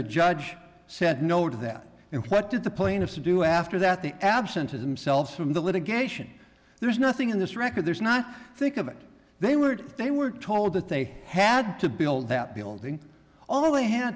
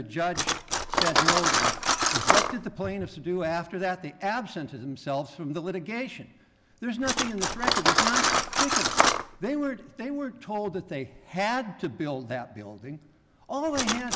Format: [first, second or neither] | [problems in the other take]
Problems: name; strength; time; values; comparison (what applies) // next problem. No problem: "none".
first | background sound (Cutlery, silverware); 3 dB above the speech